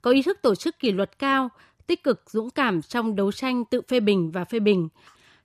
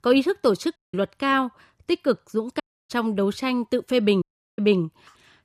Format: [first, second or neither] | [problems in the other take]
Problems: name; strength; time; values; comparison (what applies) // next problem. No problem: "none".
first | audio cutting out; at 1 s, at 2.5 s and at 4 s